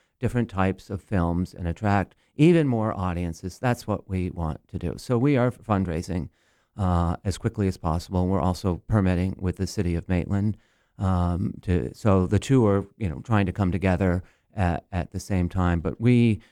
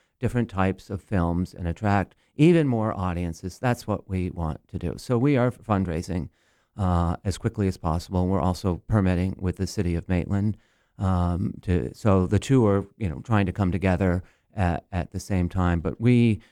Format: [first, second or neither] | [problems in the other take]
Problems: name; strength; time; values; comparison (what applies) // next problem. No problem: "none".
neither | none